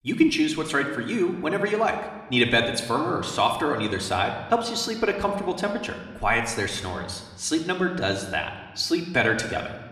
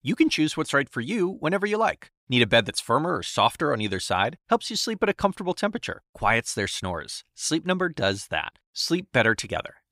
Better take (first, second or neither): second